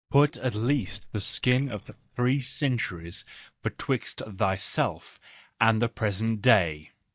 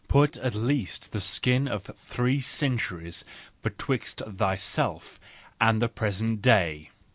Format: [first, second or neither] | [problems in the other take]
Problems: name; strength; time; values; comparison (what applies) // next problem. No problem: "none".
second | noise reduction (neural mask model DeepFilterNet 3)